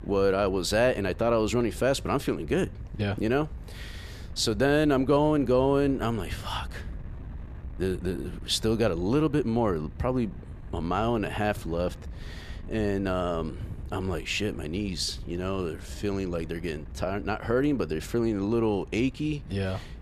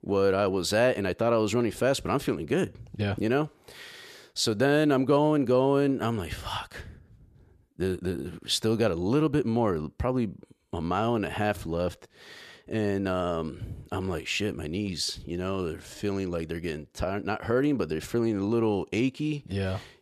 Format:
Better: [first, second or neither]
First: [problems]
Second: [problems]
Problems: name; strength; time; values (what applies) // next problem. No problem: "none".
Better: second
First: wind noise on the microphone; occasional gusts; 25 dB below the speech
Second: none